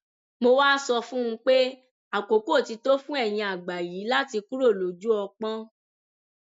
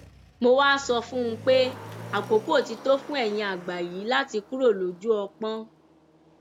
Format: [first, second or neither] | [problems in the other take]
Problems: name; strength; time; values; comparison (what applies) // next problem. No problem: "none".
first | background sound (Motor vehicle (road)); 19 dB below the speech